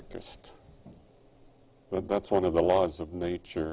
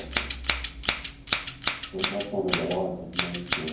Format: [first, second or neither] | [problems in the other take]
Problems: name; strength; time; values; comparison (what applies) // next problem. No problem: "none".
first | background sound (Scissors); 2 dB above the speech // room echo; dies away in 0.9 s